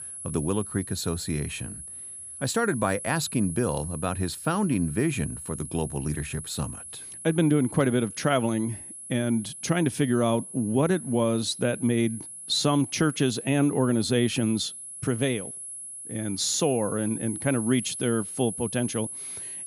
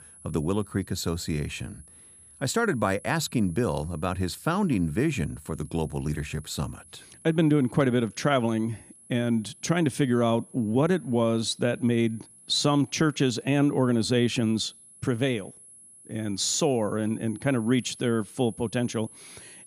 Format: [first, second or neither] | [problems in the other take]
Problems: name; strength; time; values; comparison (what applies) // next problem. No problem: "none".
second | high-pitched whine; loud; throughout; 10.5 kHz, 10 dB below the speech; faint in the second